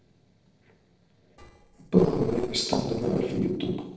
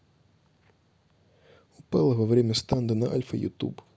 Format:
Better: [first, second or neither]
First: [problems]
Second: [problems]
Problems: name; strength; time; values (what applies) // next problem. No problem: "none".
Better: second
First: noise reduction (neural separator model SepFormer DNS4)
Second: none